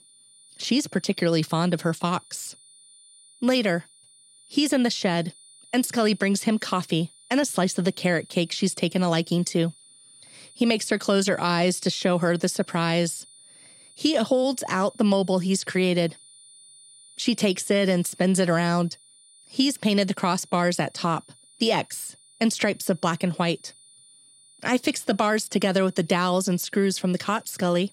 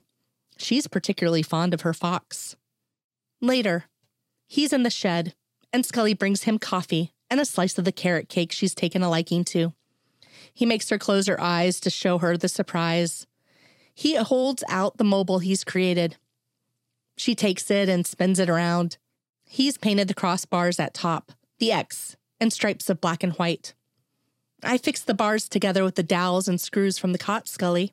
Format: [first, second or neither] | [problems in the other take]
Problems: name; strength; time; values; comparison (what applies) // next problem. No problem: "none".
second | high-pitched whine; faint; throughout; 9.5 kHz, 25 dB below the speech